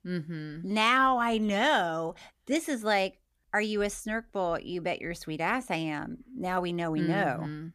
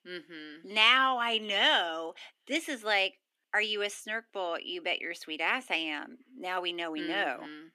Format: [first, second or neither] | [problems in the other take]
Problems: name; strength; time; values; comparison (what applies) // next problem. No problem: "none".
first | thin; somewhat; fading below 250 Hz